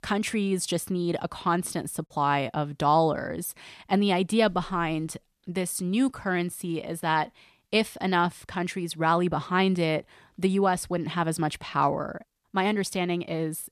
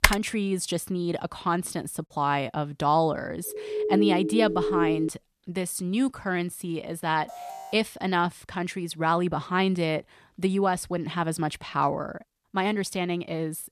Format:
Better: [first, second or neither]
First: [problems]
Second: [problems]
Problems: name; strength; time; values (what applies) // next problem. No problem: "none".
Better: first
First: none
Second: keyboard typing; loud; at the start; peak 6 dB above the speech // siren; loud; from 3.5 to 5 s; peak 3 dB above the speech // alarm; faint; at 7.5 s; peak 10 dB below the speech